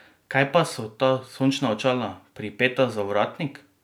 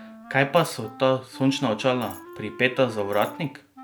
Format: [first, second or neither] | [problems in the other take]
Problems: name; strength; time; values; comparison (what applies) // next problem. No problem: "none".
first | background sound (Wind instrument, woodwind instrument + Coin (dropping)); 18 dB below the speech